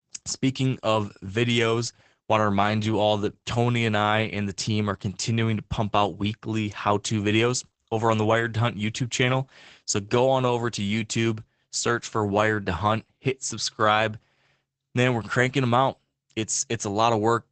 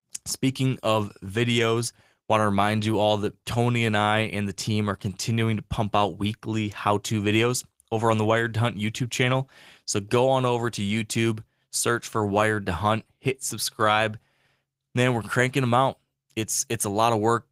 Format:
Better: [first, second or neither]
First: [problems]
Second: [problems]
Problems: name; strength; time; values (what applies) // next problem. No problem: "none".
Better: second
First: garbled, watery; badly; nothing above 8 kHz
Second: garbled, watery; slightly; nothing above 15.5 kHz